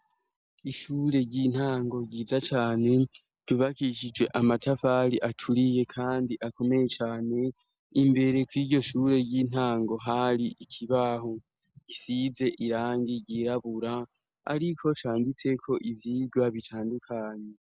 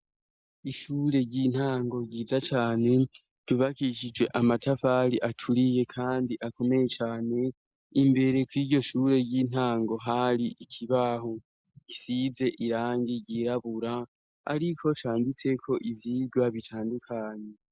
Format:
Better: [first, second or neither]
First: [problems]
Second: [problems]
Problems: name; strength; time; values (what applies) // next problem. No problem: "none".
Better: first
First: none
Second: noise reduction (neural mask model Resemble Enhance denoiser)